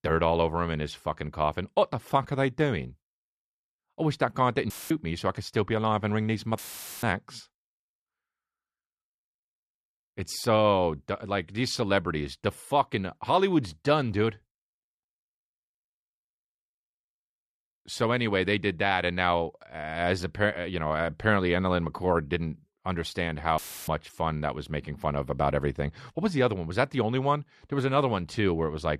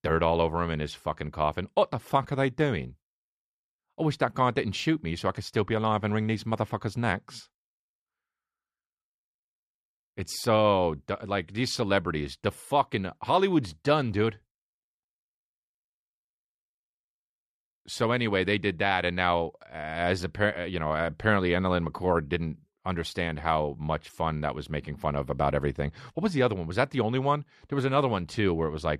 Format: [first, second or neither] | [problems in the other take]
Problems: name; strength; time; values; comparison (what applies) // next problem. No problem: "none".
second | audio cutting out; filled with static; at 4.5 s, at 6.5 s and at 24 s